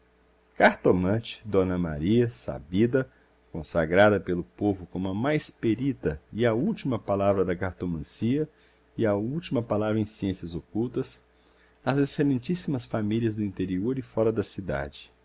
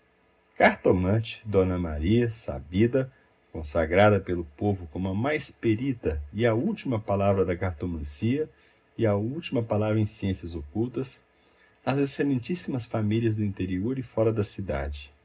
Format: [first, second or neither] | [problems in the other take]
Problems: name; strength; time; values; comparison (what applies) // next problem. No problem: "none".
first | room echo; dies away in 0.2 s